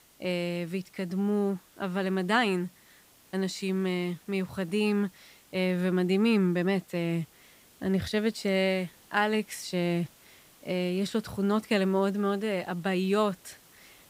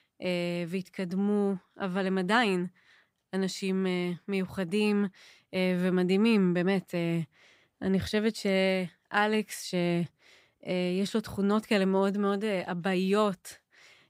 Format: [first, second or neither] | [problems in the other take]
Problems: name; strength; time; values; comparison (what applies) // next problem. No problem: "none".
second | hiss; faint; throughout; 25 dB below the speech